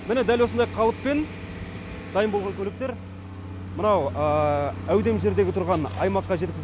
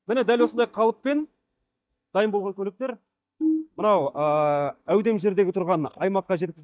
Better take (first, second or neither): first